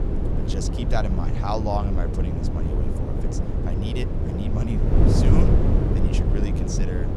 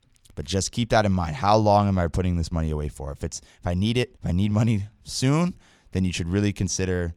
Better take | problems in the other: second | wind noise on the microphone; heavy; 1 dB above the speech

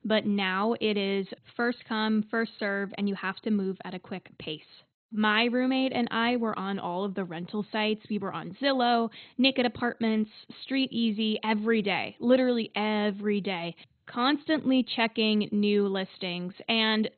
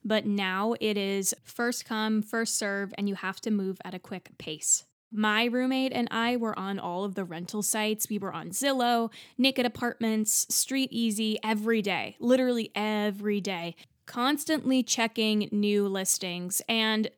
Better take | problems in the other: second | garbled, watery; badly; nothing above 4 kHz

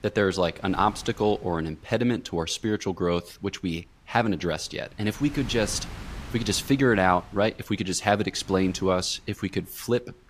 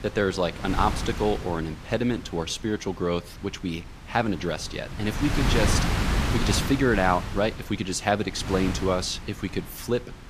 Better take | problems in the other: first | wind noise on the microphone; heavy; 5 dB below the speech; occasional gusts in the first

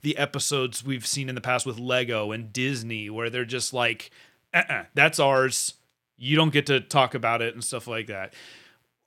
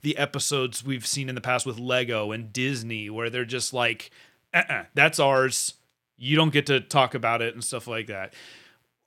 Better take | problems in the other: neither | none

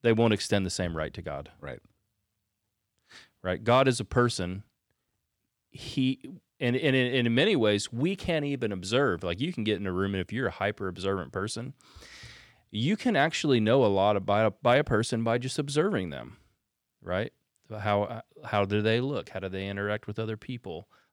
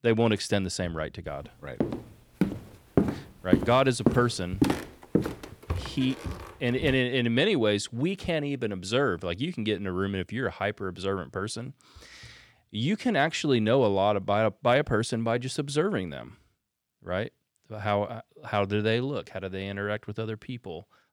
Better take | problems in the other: first | footsteps; loud; from 2 to 7 s; peak 1 dB above the speech

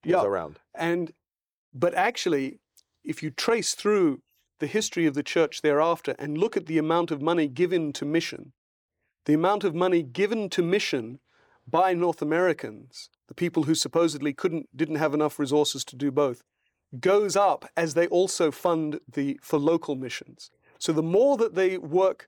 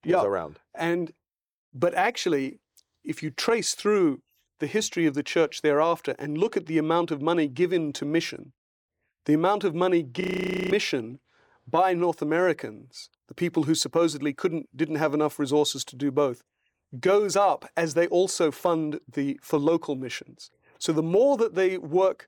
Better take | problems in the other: first | audio freezing; at 10 s for 0.5 s

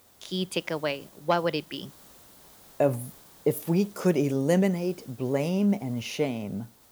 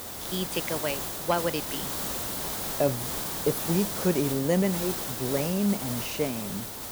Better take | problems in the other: first | hiss; loud; throughout; 2 dB below the speech; faint in the first

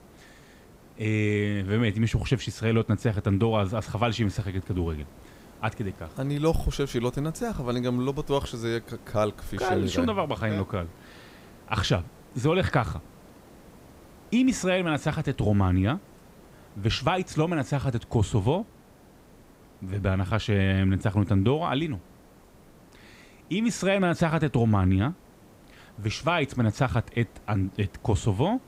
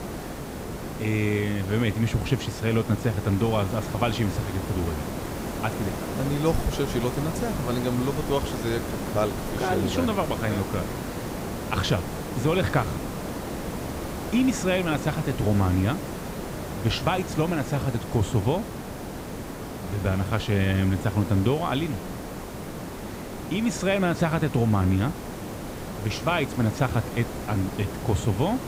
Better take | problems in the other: first | hiss; loud; throughout; 7 dB below the speech; faint in the first

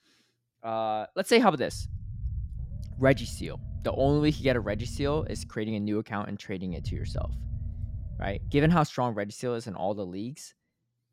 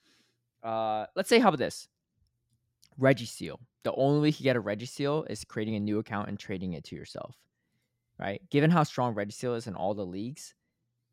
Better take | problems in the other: second | low rumble; faint; from 1.5 to 5.5 s and from 6.5 to 9 s; 25 dB below the speech

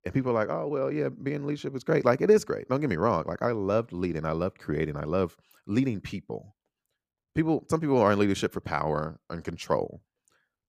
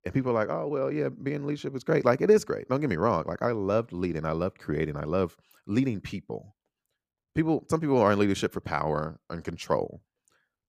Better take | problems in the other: neither | none

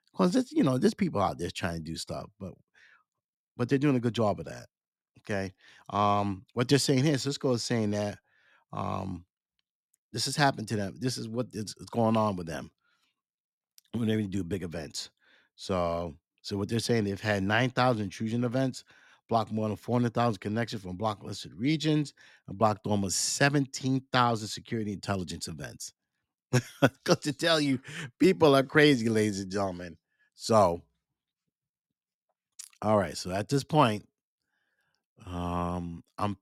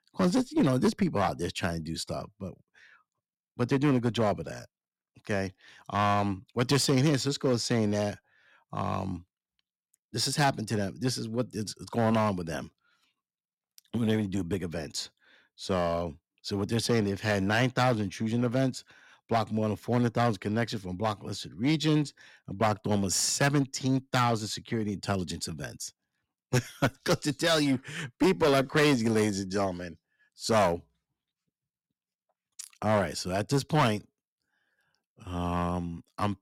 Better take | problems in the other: first | distortion; slight; 5% of the sound clipped

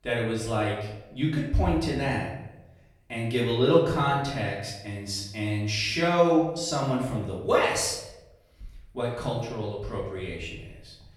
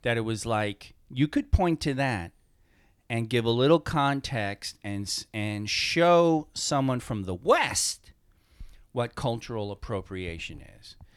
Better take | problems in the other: second | off-mic speech; far // room echo; noticeable; dies away in 0.7 s

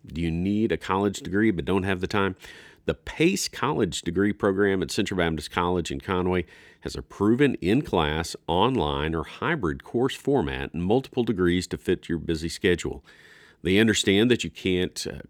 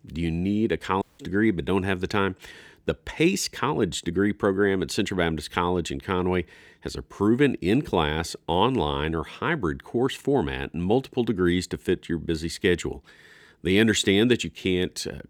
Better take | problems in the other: first | audio cutting out; at 1 s

